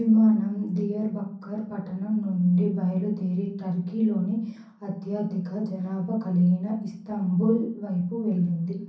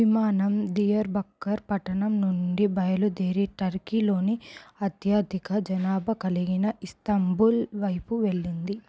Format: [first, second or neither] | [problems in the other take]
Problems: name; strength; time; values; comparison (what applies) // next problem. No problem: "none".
second | room echo; dies away in 0.6 s